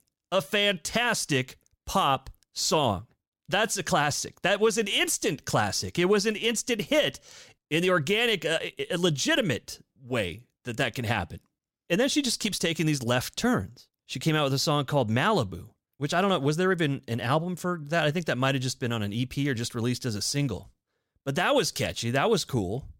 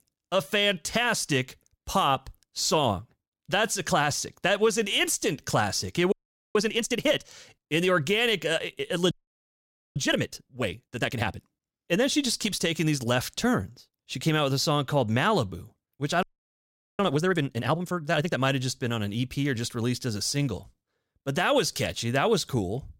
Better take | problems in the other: first | audio freezing; at 6 s, at 9 s for 1 s and at 16 s for 1 s

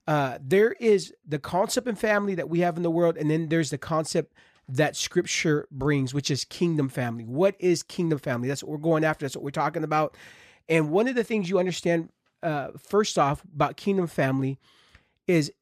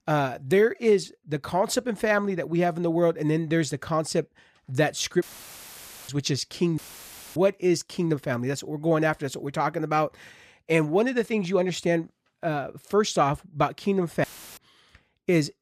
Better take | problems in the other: first | audio cutting out; filled with static; at 5 s for 1 s, at 7 s for 0.5 s and at 14 s

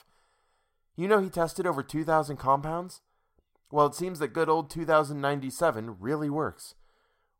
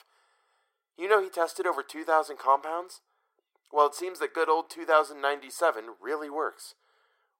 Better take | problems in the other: first | thin; very; fading below 350 Hz

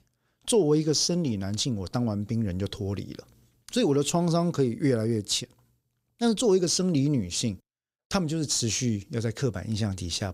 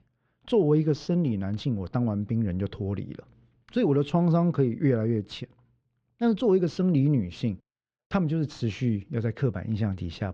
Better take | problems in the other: first | muffled; very; fading above 2.5 kHz

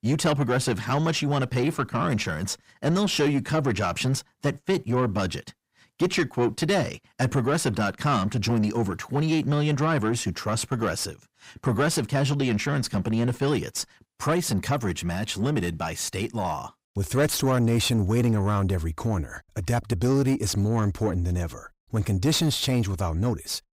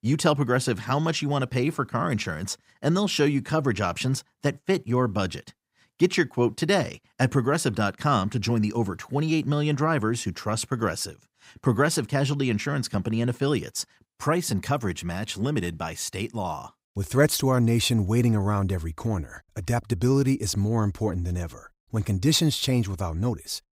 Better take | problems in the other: second | distortion; slight; 10 dB below the speech

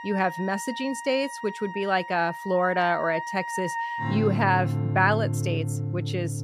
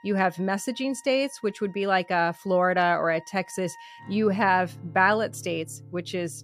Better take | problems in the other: second | background music; loud; throughout; 4 dB below the speech; faint in the second

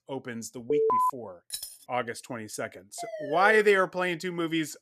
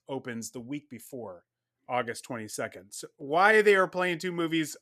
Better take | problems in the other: second | alarm; loud; at 0.5 s; peak 3 dB above the speech // jangling keys; noticeable; at 1.5 s; peak 10 dB below the speech // siren; noticeable; at 3 s; peak 6 dB below the speech

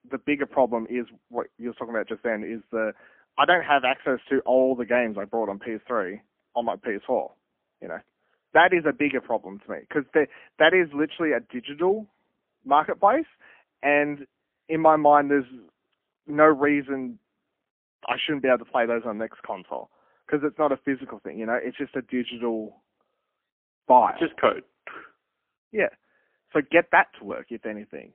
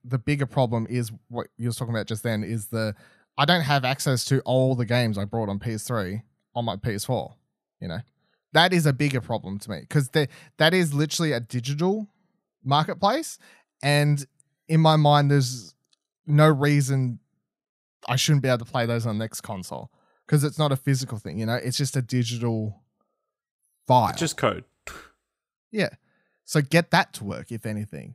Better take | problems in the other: second | phone-call audio; poor line; nothing above 3.5 kHz

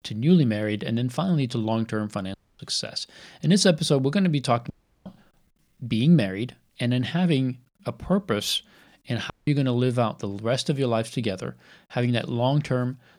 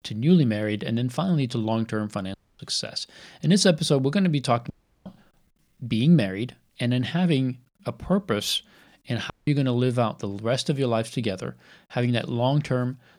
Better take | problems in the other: neither | audio cutting out; at 2.5 s, at 4.5 s and at 9.5 s; the same in both

